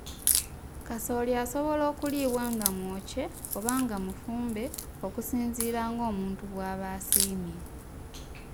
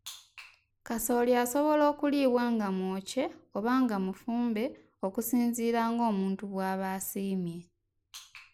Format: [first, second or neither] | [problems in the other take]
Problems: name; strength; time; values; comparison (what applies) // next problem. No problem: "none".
second | background sound (Crack); 3 dB below the speech